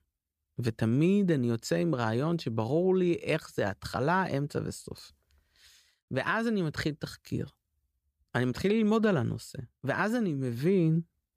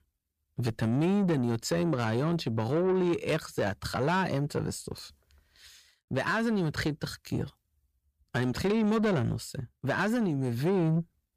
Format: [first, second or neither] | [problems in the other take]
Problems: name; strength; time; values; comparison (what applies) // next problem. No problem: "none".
first | distortion; slight; 10 dB below the speech